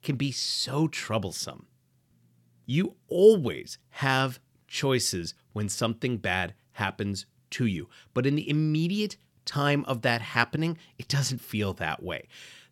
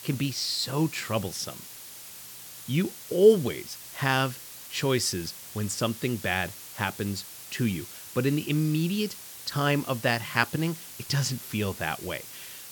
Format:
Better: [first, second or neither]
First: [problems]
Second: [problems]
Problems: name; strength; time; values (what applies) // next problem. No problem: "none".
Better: first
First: none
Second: hiss; noticeable; throughout; 15 dB below the speech